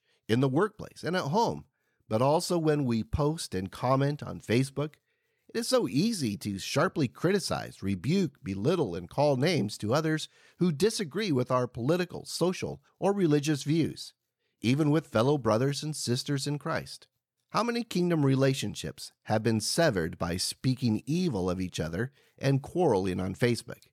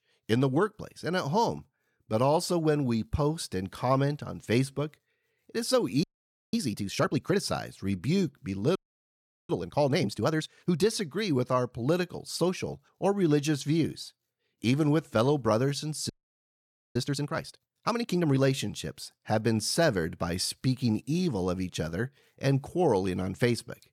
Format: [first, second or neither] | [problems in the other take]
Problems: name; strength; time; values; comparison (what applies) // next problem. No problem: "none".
first | audio freezing; at 6 s, at 9 s for 0.5 s and at 16 s for 1 s